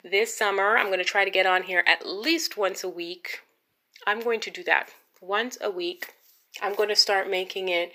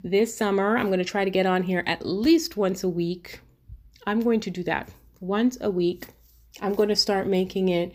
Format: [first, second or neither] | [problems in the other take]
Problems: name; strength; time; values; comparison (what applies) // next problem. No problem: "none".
second | thin; very; fading below 500 Hz